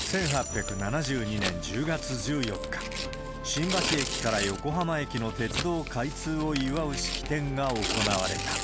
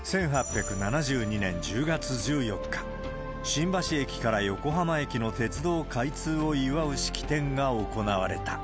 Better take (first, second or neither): second